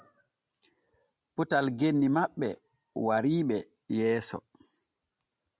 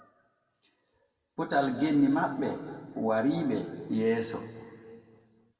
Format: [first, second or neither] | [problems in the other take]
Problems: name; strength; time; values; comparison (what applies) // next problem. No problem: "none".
first | room echo; dies away in 2 s